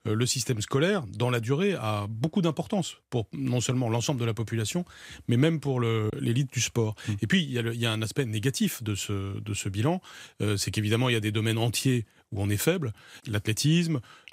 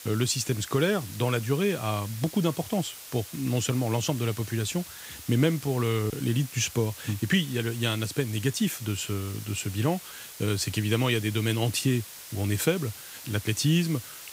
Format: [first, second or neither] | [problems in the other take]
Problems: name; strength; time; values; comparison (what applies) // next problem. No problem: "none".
first | hiss; noticeable; throughout; 15 dB below the speech